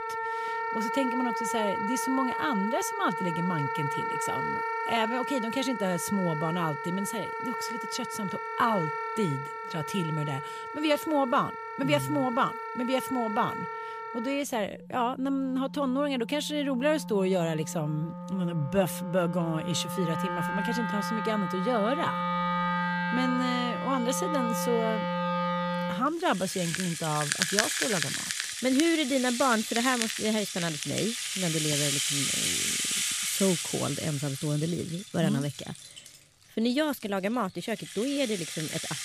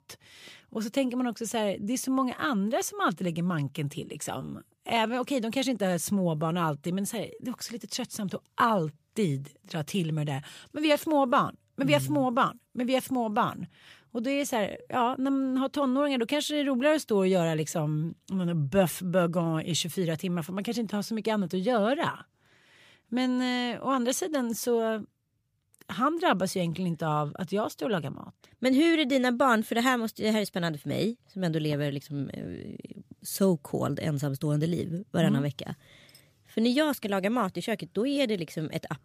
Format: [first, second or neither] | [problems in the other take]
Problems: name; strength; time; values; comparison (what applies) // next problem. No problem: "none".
second | background music; loud; throughout; 1 dB below the speech